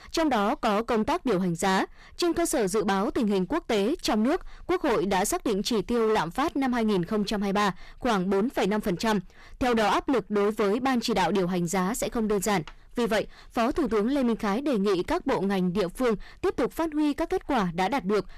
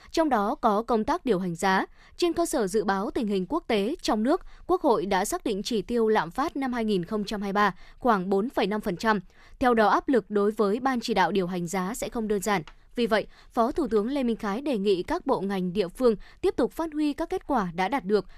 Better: second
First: distortion; heavy; 21% of the sound clipped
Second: none

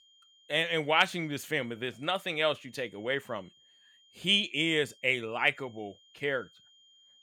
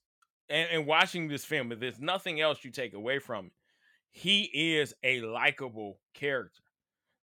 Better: second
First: high-pitched whine; faint; throughout; 3 kHz, 30 dB below the speech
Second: none

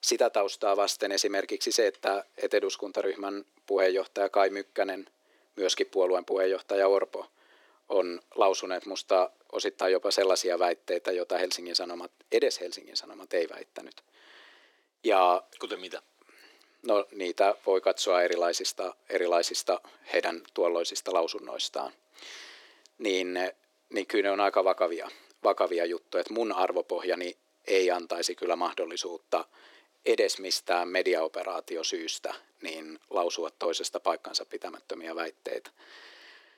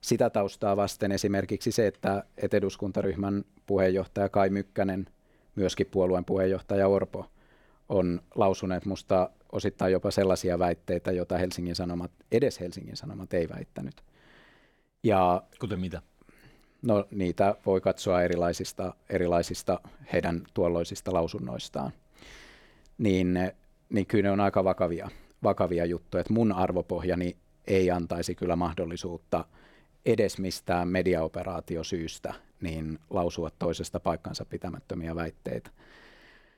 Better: second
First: thin; very; fading below 300 Hz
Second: none

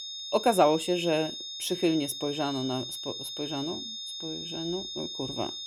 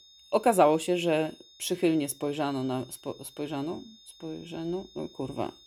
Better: second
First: high-pitched whine; loud; throughout; 3.5 kHz, 6 dB below the speech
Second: high-pitched whine; faint; throughout; 3.5 kHz, 25 dB below the speech

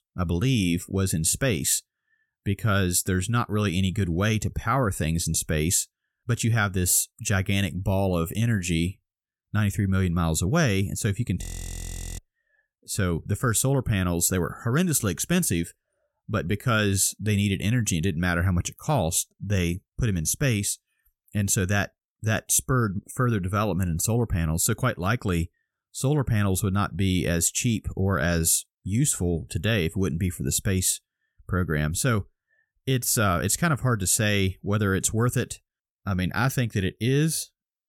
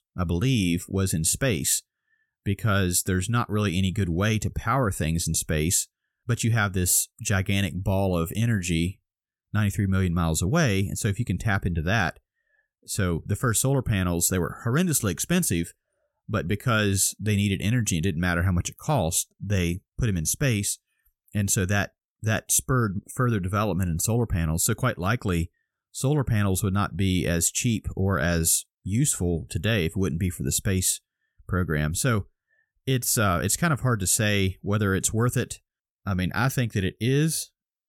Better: second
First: audio freezing; at 11 s for 1 s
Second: none

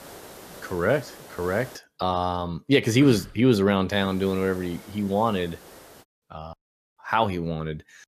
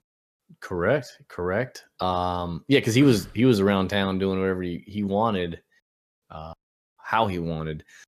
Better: second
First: hiss; faint; until 2 s and from 4 to 6 s; 20 dB below the speech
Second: none

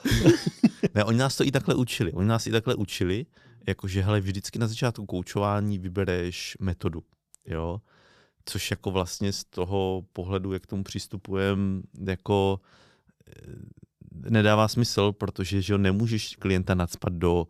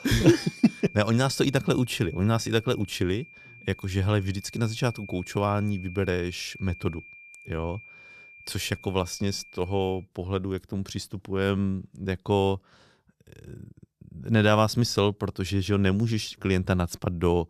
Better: first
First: none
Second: high-pitched whine; noticeable; until 10 s; 2.5 kHz, 20 dB below the speech

